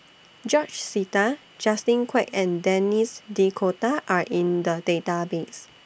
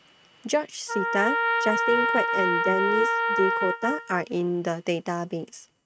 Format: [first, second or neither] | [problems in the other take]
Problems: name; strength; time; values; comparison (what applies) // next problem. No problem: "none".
first | noise reduction (neural mask model RNNoise)